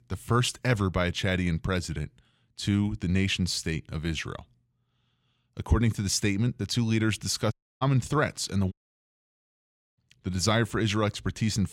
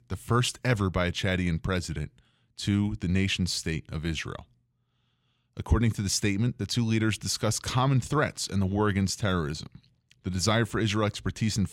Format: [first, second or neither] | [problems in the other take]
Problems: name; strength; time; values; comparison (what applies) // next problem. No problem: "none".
second | audio cutting out; at 7.5 s and at 8.5 s for 1.5 s